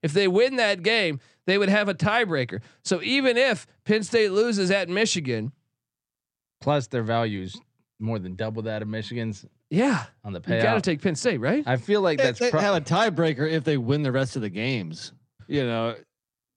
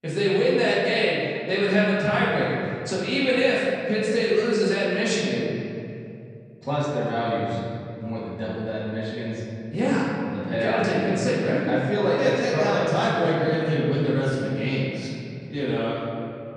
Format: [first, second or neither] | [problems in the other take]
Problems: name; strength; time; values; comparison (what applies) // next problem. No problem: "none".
first | off-mic speech; far // room echo; strong; dies away in 2.4 s